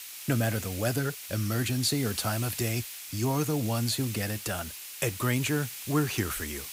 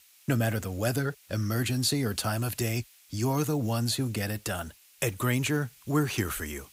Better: second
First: hiss; loud; throughout; 8 dB below the speech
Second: hiss; faint; throughout; 25 dB below the speech

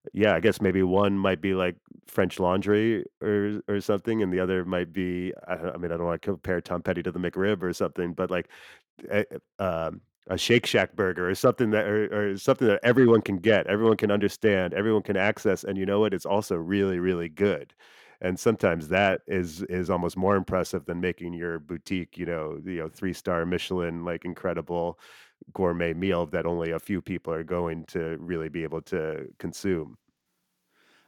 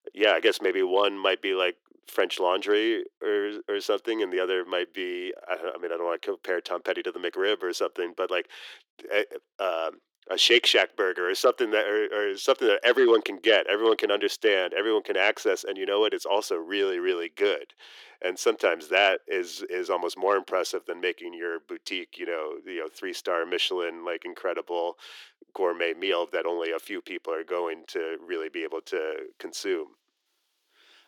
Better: first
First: none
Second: thin; very; fading below 350 Hz

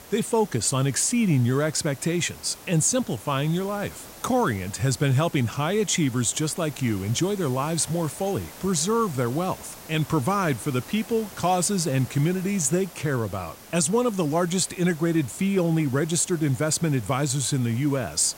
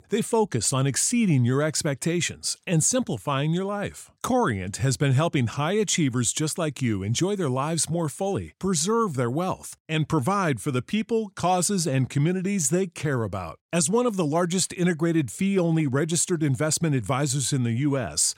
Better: second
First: hiss; noticeable; throughout; 20 dB below the speech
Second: none

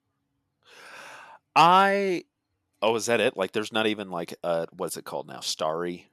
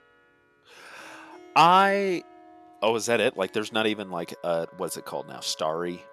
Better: first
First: none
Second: background music; faint; throughout; 25 dB below the speech

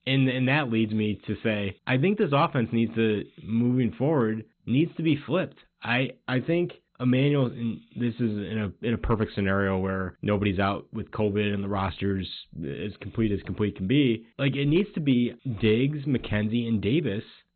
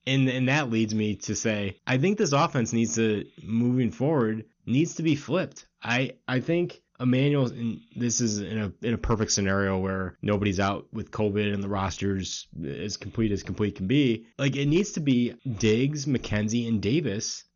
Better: second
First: garbled, watery; badly; nothing above 4 kHz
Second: garbled, watery; slightly; nothing above 6.5 kHz

